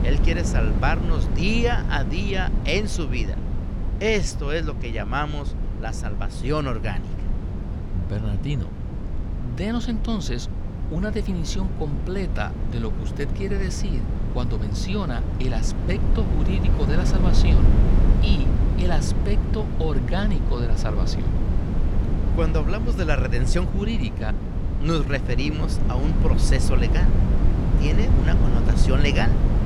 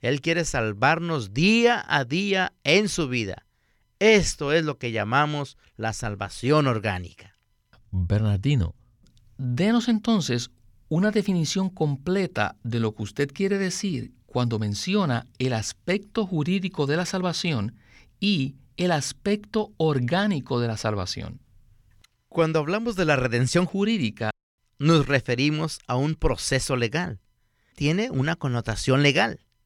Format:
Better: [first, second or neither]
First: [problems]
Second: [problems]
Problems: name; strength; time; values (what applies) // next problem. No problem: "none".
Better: second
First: low rumble; loud; throughout; 6 dB below the speech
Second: none